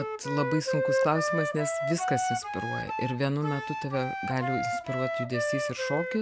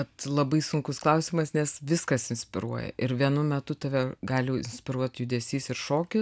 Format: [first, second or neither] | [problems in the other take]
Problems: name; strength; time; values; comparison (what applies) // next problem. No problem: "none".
second | background sound (Wind instrument, woodwind instrument); as loud as the speech